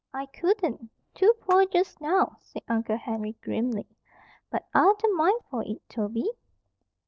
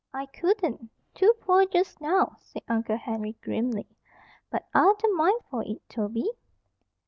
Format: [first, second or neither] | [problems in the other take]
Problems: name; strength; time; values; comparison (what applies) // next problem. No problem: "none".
second | noise reduction (neural separator model SepFormer DNS4)